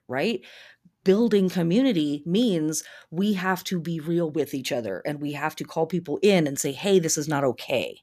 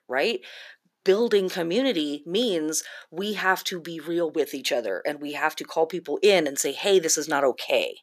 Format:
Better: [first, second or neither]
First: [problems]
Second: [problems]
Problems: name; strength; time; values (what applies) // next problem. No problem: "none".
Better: first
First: none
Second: thin; somewhat; fading below 450 Hz